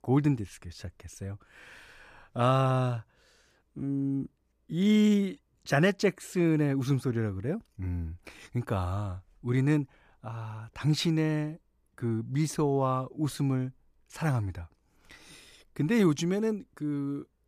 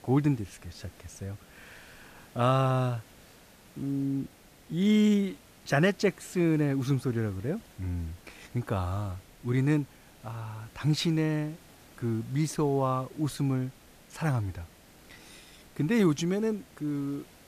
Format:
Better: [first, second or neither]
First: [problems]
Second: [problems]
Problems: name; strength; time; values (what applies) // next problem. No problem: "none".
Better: first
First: none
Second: hiss; faint; throughout; 25 dB below the speech